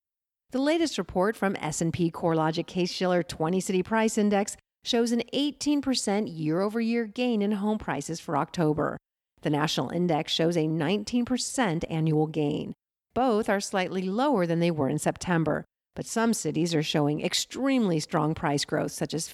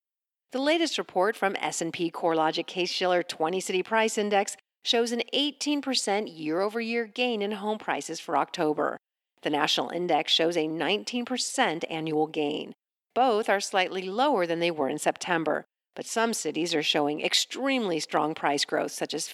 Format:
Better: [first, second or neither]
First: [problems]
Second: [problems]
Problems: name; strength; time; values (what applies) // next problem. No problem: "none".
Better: first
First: none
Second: thin; somewhat; fading below 350 Hz